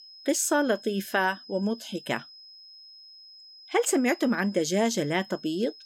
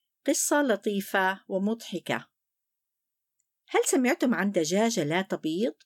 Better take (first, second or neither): second